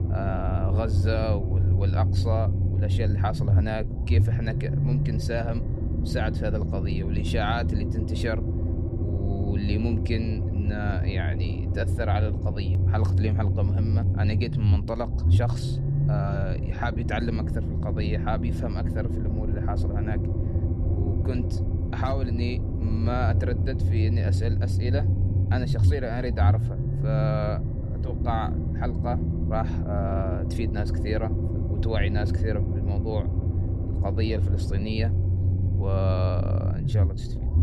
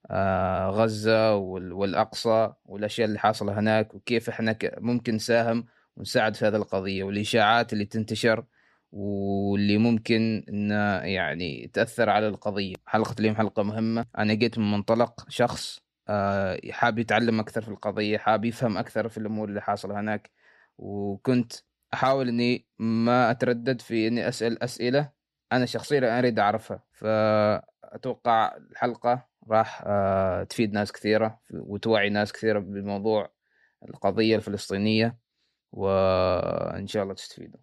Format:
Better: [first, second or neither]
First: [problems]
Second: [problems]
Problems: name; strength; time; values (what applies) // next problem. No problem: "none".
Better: second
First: low rumble; loud; throughout; 5 dB below the speech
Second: none